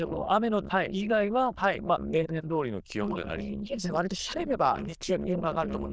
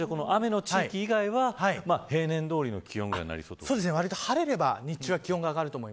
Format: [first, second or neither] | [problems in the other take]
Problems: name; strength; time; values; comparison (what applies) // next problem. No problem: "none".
second | noise reduction (neural diffusion model UNIVERSE++)